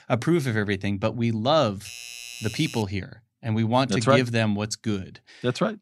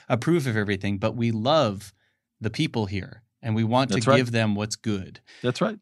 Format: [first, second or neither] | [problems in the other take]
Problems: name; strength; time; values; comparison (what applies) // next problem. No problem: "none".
second | doorbell; faint; from 2 to 3 s; peak 10 dB below the speech